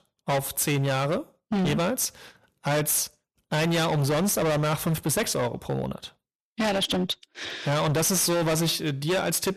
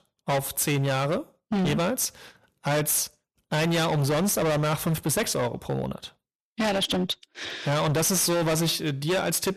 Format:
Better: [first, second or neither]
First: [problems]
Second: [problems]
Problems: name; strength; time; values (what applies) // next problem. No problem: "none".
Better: neither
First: distortion; heavy; 23% of the sound clipped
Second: distortion; heavy; 23% of the sound clipped